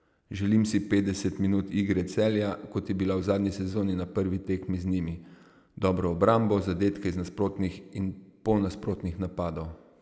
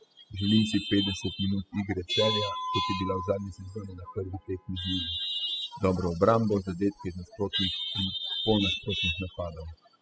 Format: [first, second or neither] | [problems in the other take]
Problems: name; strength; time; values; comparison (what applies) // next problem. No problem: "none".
first | noise reduction (classical method spectral subtraction)